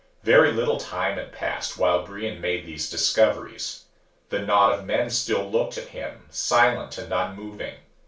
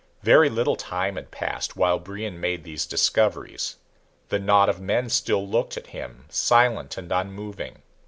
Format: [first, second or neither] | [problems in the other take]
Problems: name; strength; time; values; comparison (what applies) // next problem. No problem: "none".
second | room echo; dies away in 0.3 s